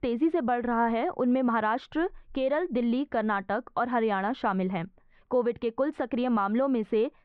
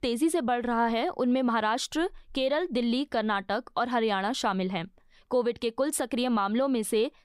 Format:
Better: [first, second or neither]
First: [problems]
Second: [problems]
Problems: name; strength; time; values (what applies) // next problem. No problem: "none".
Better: second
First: muffled; very; fading above 2 kHz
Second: none